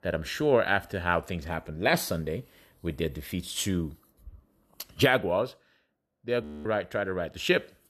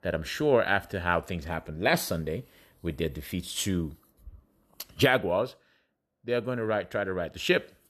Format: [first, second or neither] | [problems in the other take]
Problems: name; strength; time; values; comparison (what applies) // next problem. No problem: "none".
second | audio freezing; at 6.5 s